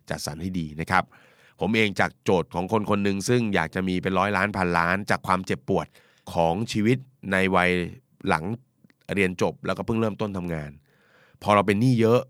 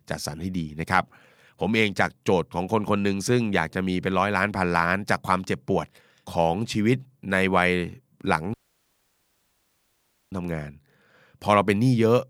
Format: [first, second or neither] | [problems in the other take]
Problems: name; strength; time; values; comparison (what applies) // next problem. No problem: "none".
first | audio cutting out; at 8.5 s for 2 s